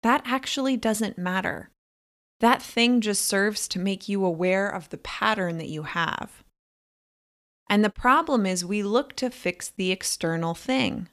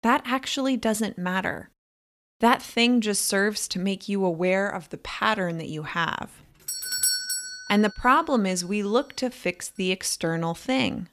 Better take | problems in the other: first | doorbell; loud; at 6.5 s; peak 2 dB above the speech

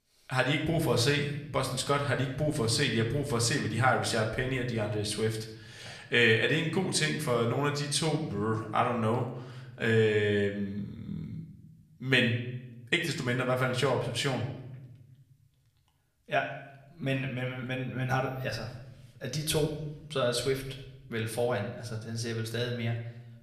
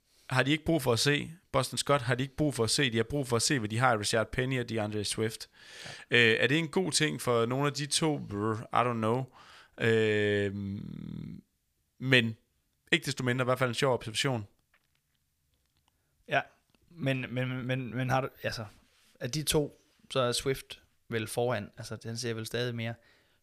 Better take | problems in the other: second | room echo; slight; dies away in 0.8 s // off-mic speech; somewhat distant

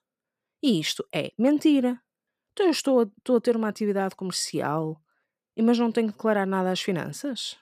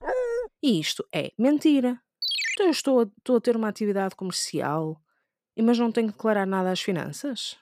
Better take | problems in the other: first | dog barking; noticeable; at the start; peak 2 dB below the speech // phone ringing; loud; at 2 s; peak level with the speech

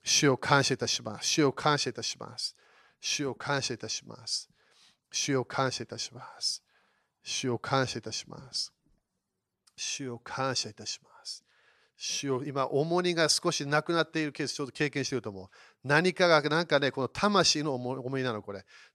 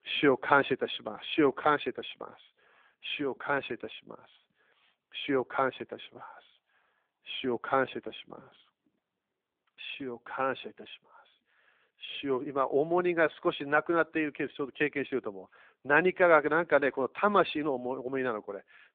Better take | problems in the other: first | phone-call audio; nothing above 3.5 kHz

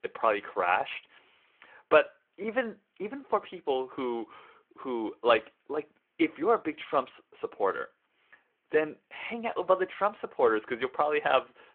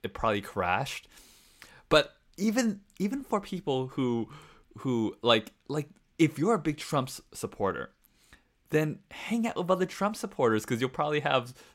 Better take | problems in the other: second | phone-call audio

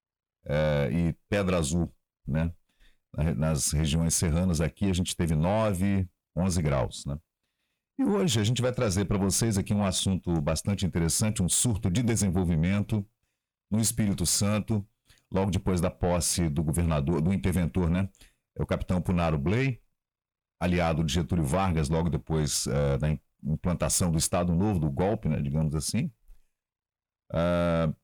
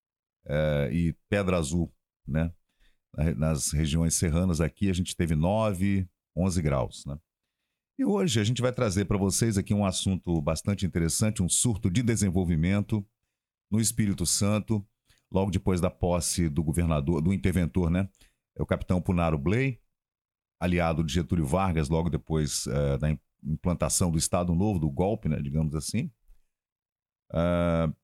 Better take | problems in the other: second | distortion; slight; 10 dB below the speech

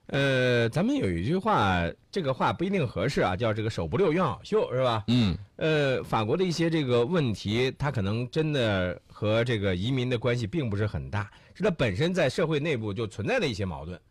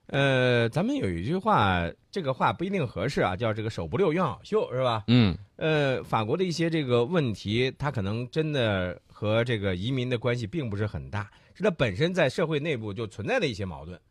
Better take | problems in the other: second | distortion; slight; 10 dB below the speech

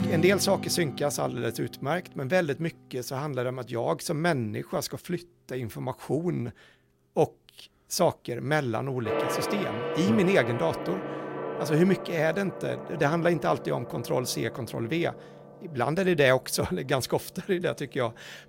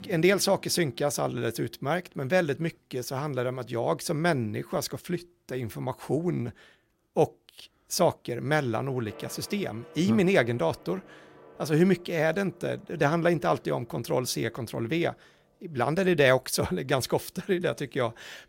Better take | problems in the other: second | background music; loud; throughout; 7 dB below the speech; faint in the second

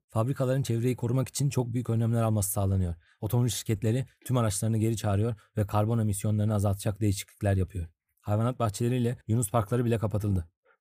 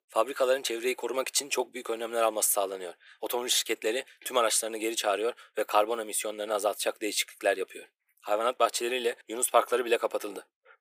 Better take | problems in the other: first | thin; very; fading below 400 Hz

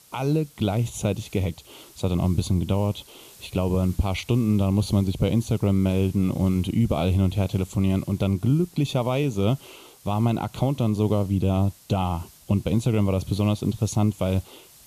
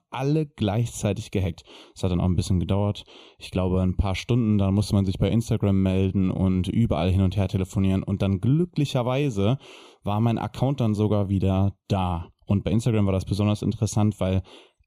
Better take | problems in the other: second | hiss; faint; throughout; 25 dB below the speech

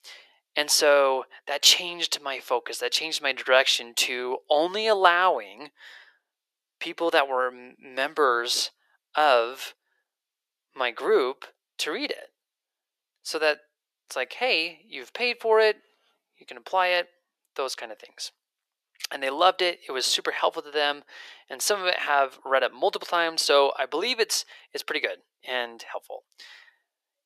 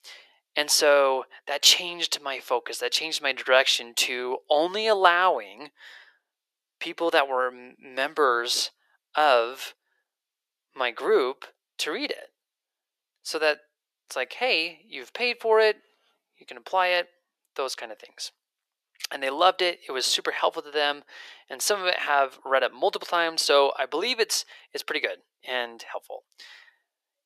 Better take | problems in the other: neither | thin; very; fading below 400 Hz; the same in both

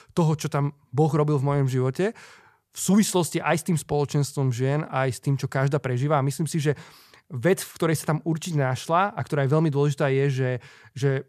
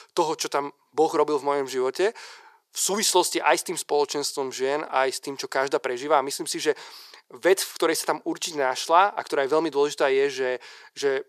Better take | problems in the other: first | thin; very; fading below 350 Hz

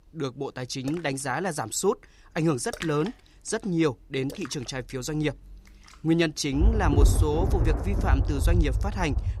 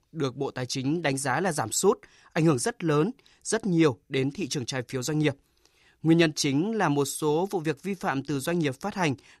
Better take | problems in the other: second | rain or running water; very loud; throughout; 2 dB above the speech

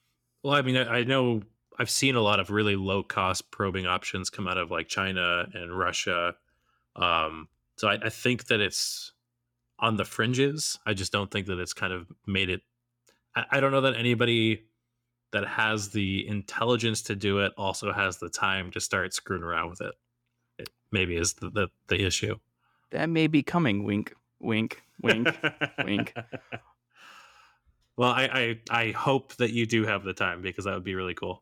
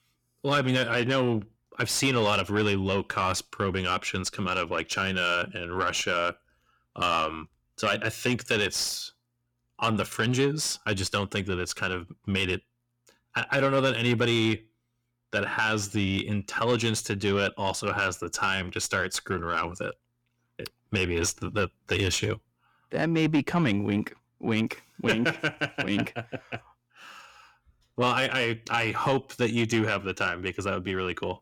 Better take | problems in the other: first | distortion; slight; 10 dB below the speech

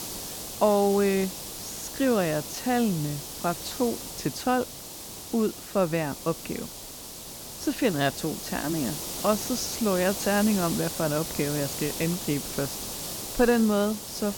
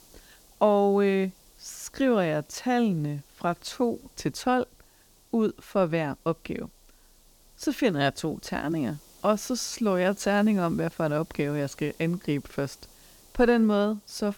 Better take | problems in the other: second | hiss; loud; throughout; 7 dB below the speech; faint in the second

